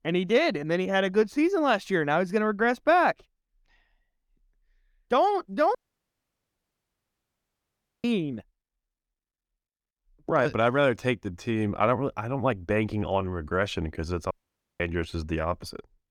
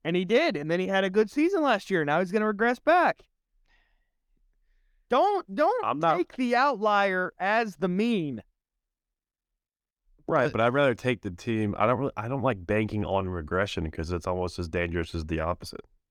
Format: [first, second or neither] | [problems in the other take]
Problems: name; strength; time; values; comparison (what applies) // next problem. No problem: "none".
second | audio cutting out; at 6 s for 2.5 s and at 14 s